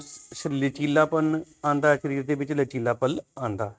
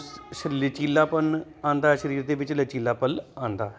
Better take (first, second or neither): second